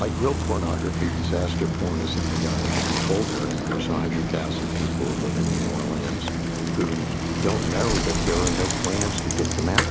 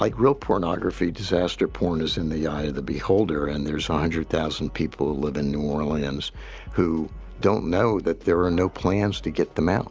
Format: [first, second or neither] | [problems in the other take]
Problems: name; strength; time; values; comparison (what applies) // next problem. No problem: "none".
second | background sound (Bicycle); 3 dB above the speech